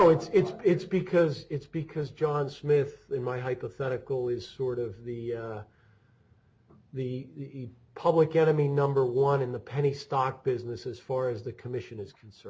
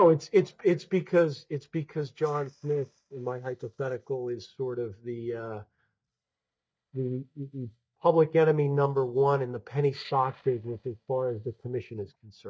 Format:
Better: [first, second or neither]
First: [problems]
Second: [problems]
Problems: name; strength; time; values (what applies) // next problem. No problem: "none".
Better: first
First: none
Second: noise reduction (neural mask model DeepFilterNet 3)